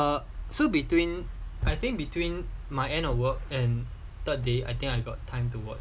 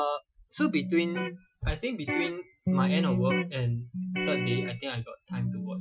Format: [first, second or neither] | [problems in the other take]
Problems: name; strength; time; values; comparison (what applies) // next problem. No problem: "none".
first | noise reduction (classical method Wiener filter)